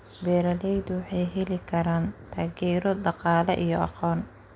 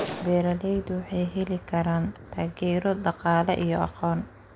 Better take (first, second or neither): first